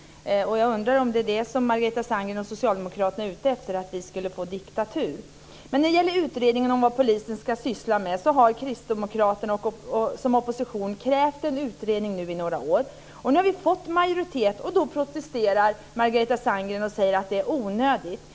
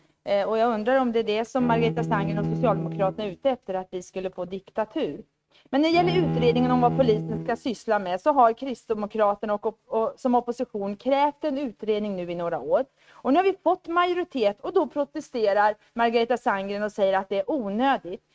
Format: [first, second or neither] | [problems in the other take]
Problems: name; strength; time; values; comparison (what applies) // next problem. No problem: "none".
first | noise reduction (neural mask model RNNoise)